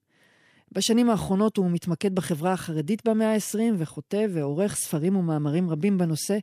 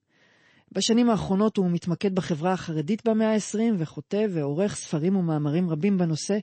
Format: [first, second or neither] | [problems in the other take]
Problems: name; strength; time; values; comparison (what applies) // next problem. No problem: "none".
first | garbled, watery; slightly; nothing above 8 kHz